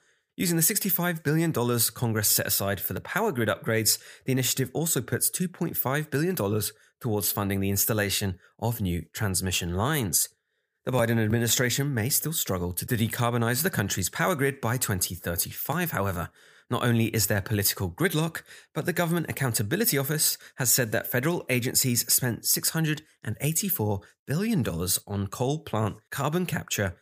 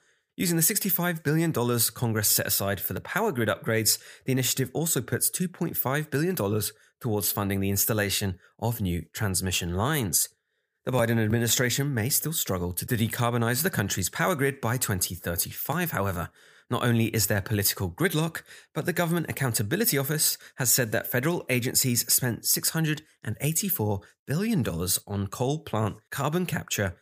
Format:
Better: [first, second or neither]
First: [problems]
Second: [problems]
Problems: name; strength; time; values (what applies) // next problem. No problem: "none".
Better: neither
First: none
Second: none